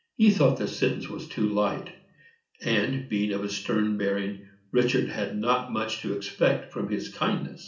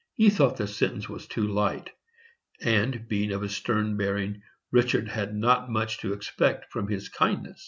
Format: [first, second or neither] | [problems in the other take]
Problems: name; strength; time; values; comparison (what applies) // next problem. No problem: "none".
second | room echo; dies away in 0.4 s